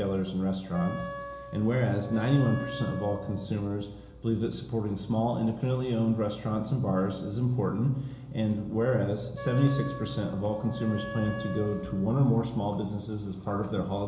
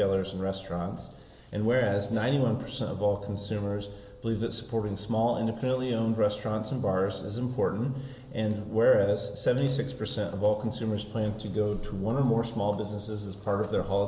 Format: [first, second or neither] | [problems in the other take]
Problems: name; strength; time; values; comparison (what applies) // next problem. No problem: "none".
second | background sound (Wind instrument, woodwind instrument); 12 dB below the speech // room echo; dies away in 0.4 s